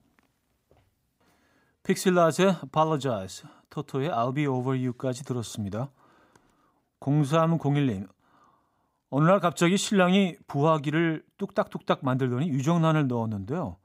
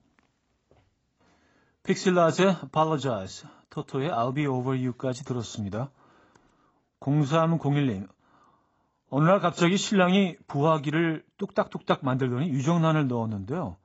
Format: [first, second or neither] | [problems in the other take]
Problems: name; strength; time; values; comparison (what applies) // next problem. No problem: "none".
first | garbled, watery; badly; nothing above 7.5 kHz